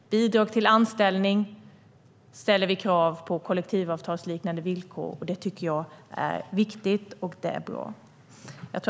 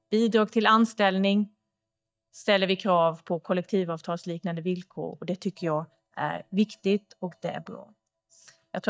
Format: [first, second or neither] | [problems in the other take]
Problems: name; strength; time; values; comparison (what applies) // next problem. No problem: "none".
first | noise reduction (neural mask model DeepFilterNet 3)